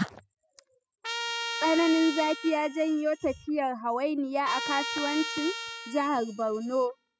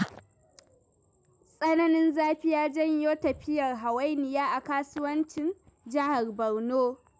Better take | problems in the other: second | noise reduction (classical method spectral subtraction)

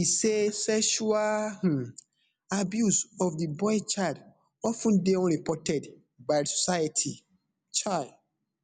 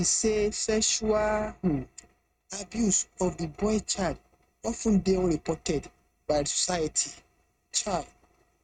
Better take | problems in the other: first | noise reduction (neural mask model RNNoise)

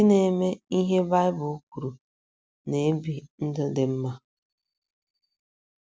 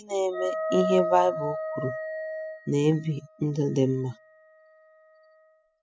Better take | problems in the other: first | noise reduction (classical method spectral subtraction)

